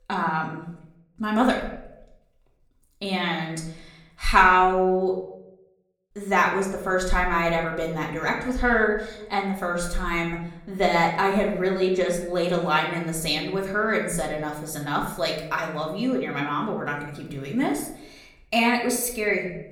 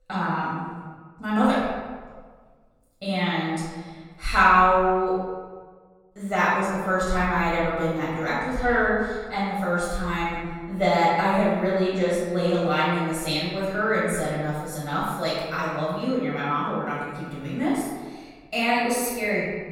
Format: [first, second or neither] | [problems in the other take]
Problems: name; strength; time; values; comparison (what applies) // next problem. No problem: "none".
first | room echo; strong; dies away in 1.5 s; slight in the first // off-mic speech; far; somewhat distant in the first